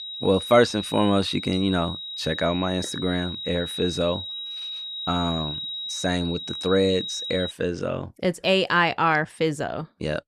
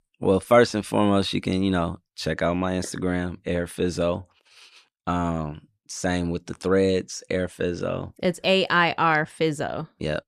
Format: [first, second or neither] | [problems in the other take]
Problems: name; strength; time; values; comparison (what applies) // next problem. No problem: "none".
second | high-pitched whine; loud; until 7.5 s; 4 kHz, 7 dB below the speech